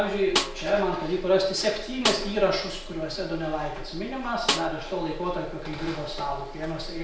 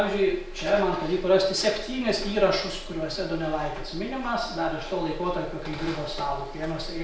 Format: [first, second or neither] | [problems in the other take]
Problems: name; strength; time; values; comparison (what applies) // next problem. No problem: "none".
second | background sound (Snare drum); 5 dB below the speech